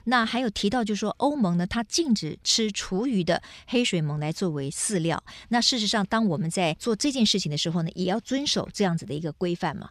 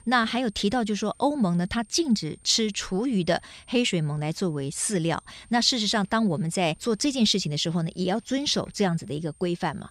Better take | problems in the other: first | high-pitched whine; faint; throughout; 8.5 kHz, 30 dB below the speech

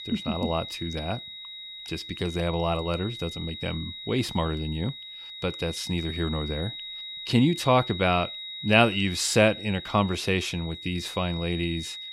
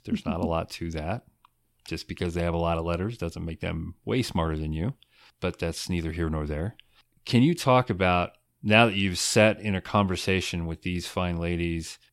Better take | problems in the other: second | high-pitched whine; loud; throughout; 4 kHz, 9 dB below the speech

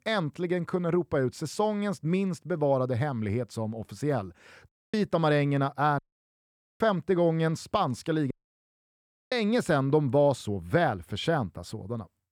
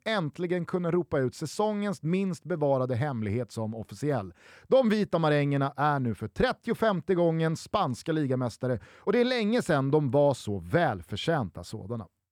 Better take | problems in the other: second | audio cutting out; at 4.5 s, at 6 s for 1 s and at 8.5 s for 1 s

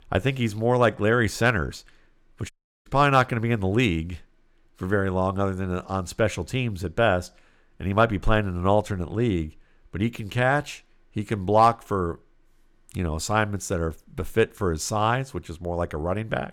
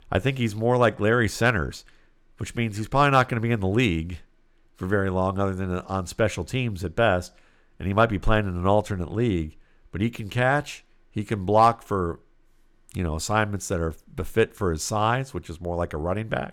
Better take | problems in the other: second | audio cutting out; at 2.5 s

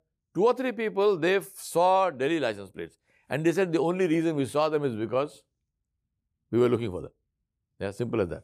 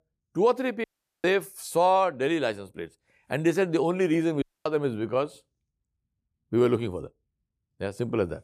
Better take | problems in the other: first | audio cutting out; at 1 s and at 4.5 s

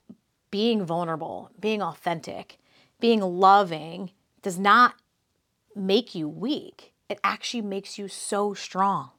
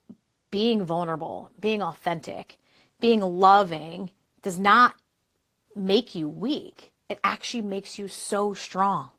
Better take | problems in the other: first | garbled, watery; slightly

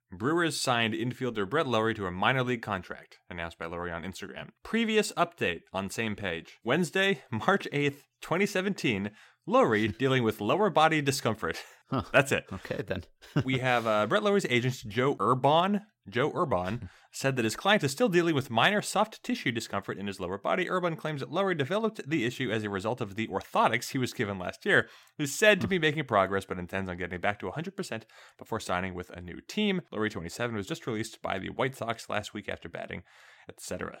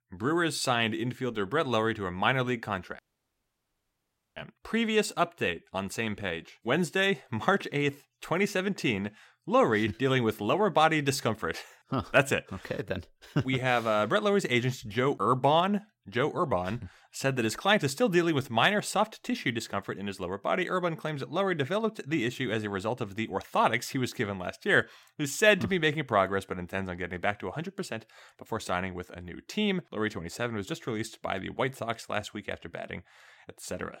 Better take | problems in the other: first | audio cutting out; at 3 s for 1.5 s

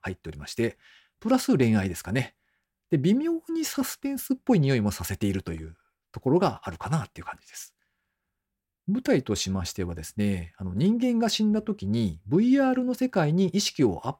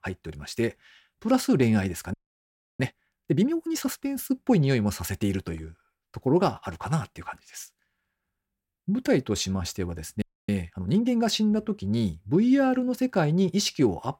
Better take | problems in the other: first | audio freezing; at 2 s for 0.5 s and at 10 s

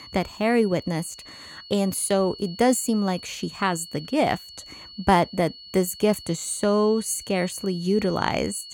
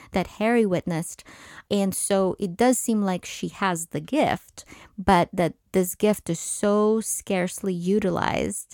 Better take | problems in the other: second | high-pitched whine; noticeable; throughout; 4.5 kHz, 15 dB below the speech

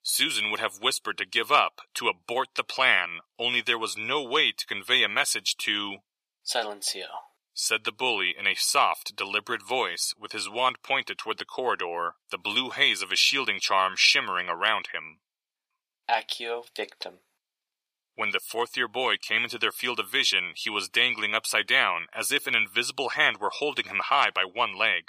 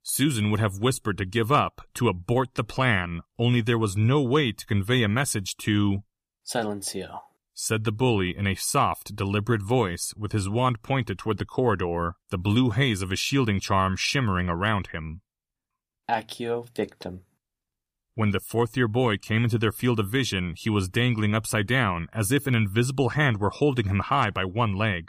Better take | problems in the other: second | thin; very; fading below 650 Hz

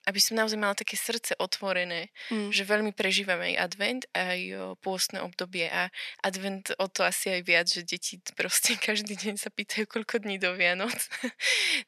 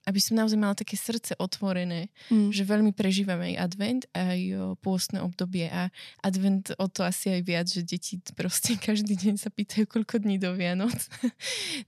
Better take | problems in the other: second | thin; very; fading below 450 Hz

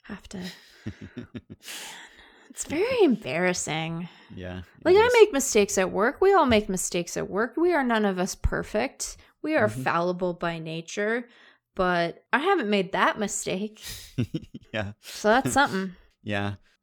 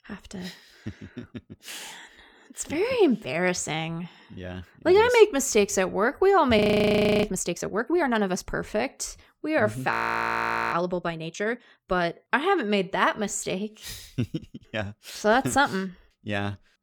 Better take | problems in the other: first | audio freezing; at 6.5 s for 0.5 s and at 10 s for 1 s

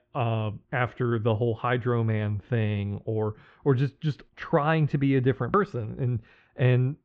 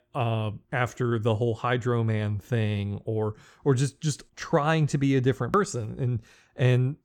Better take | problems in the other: second | muffled; very; fading above 3 kHz

